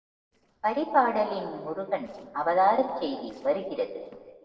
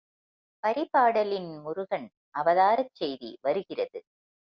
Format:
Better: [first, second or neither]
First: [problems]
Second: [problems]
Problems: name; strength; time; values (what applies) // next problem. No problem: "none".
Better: second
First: noise reduction (neural separator model SepFormer DNS4)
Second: none